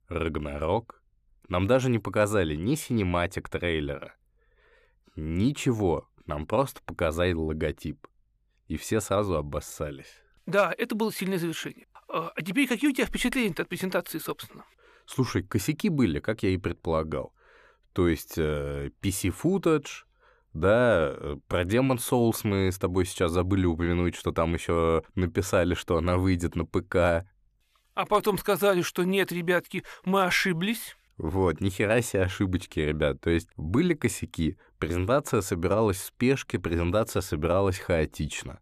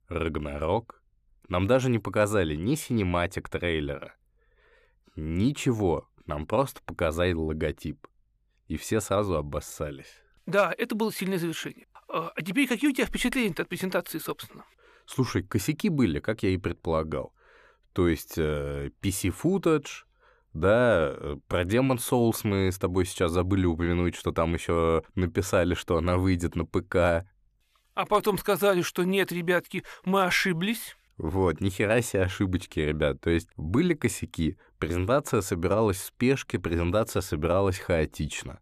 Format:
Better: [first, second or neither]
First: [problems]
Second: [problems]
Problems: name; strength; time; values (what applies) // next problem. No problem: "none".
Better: neither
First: none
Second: none